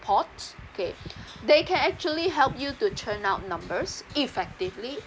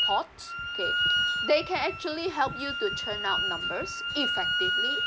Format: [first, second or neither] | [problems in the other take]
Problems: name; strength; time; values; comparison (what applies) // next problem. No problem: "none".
first | background sound (Wind instrument, woodwind instrument); 2 dB above the speech